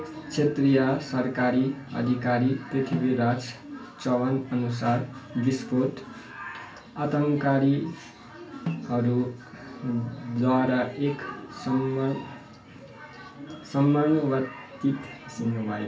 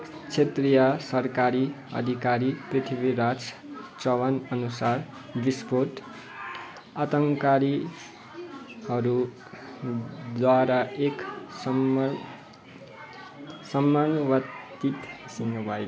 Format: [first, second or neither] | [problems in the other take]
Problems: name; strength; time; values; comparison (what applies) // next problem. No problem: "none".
second | background sound (Snare drum); 12 dB below the speech // room echo; dies away in 0.2 s